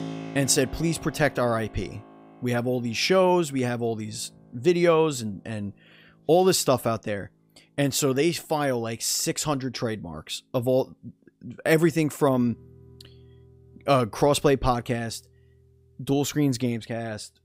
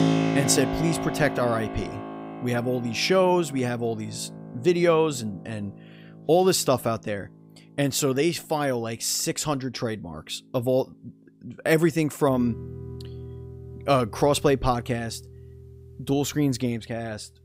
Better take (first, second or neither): first